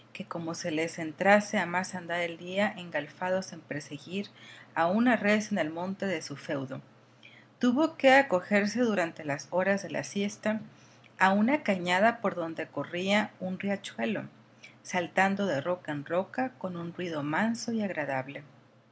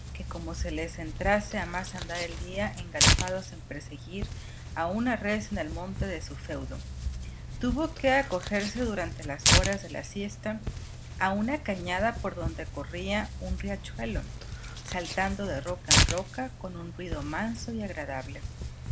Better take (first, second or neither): first